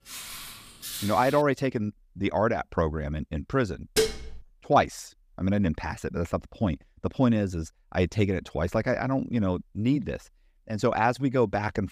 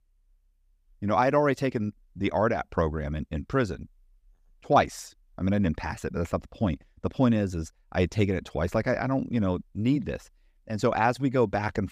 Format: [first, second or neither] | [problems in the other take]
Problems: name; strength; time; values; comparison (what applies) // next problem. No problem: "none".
second | footsteps; noticeable; until 1.5 s; peak 7 dB below the speech // clattering dishes; loud; at 4 s; peak 1 dB above the speech